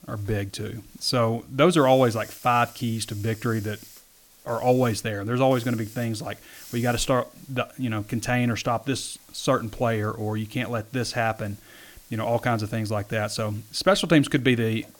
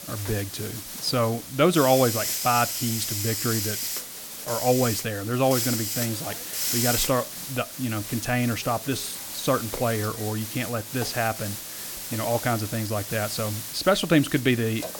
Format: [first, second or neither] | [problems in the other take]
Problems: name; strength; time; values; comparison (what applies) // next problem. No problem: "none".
first | hiss; loud; throughout; 4 dB below the speech; faint in the first